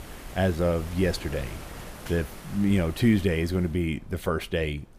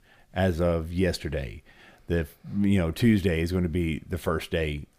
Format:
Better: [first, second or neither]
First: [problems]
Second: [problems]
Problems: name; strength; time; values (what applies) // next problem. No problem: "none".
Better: second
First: wind in the background; noticeable; throughout; 15 dB below the speech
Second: none